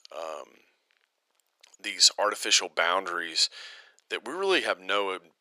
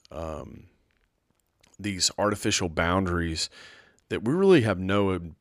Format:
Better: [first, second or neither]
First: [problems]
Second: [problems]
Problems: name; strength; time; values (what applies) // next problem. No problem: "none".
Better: second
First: thin; very; fading below 500 Hz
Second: none